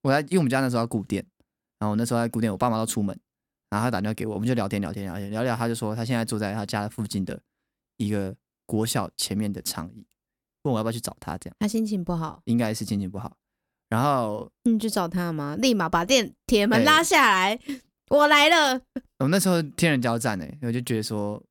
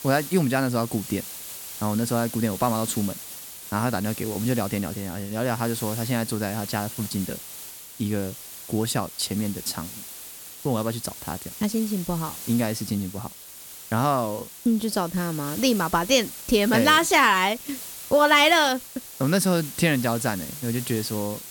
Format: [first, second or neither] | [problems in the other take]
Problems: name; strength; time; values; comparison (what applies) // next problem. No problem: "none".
first | hiss; noticeable; throughout; 10 dB below the speech